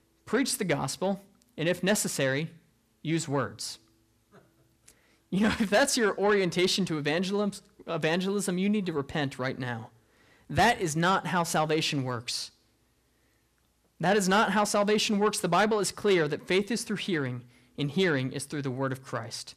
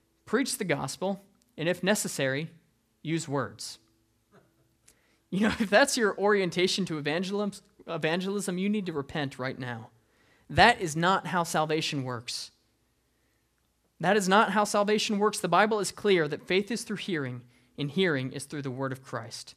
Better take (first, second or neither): second